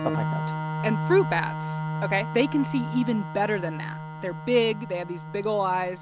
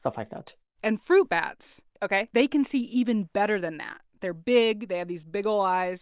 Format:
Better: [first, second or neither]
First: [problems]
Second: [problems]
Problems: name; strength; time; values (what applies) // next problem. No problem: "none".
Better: second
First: background sound (Organ); 4 dB below the speech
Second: none